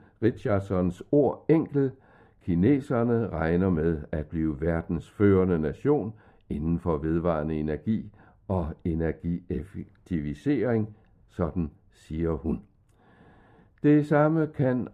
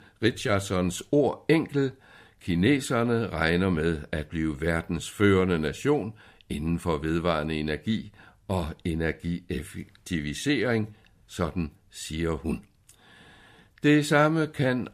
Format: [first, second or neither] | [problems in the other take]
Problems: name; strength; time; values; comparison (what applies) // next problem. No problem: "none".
second | muffled; very; fading above 2 kHz